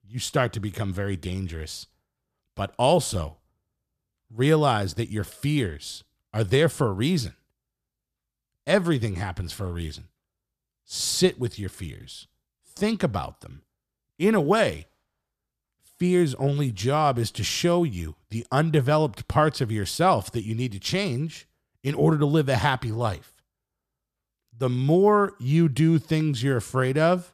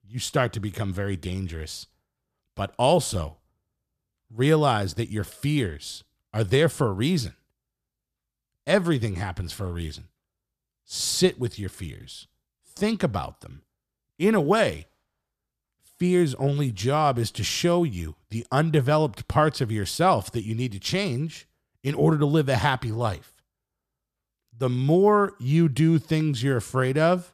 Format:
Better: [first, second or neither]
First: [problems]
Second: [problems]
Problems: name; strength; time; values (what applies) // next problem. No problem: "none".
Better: neither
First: none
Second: none